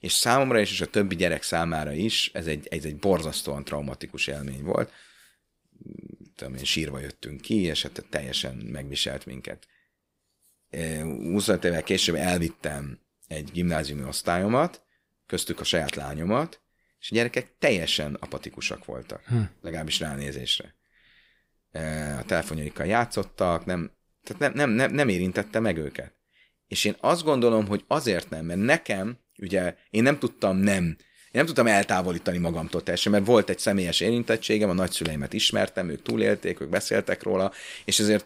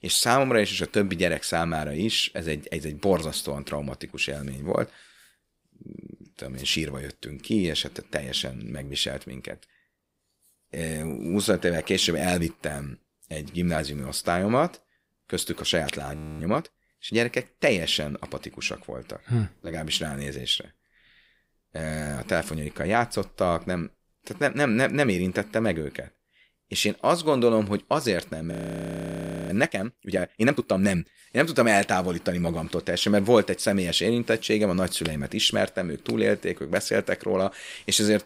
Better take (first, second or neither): first